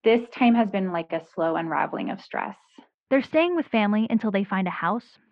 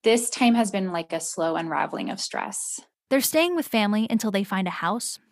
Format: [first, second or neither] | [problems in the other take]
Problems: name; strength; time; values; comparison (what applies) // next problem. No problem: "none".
second | muffled; very; fading above 2.5 kHz